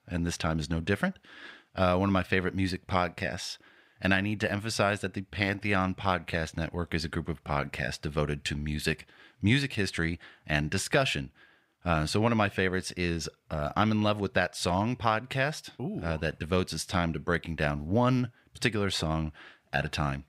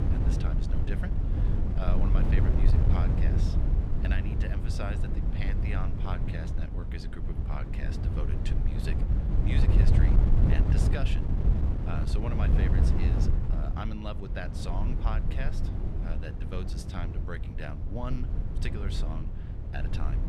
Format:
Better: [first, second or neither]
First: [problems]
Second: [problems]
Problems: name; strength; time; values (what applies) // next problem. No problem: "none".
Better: first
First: none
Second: wind noise on the microphone; heavy; as loud as the speech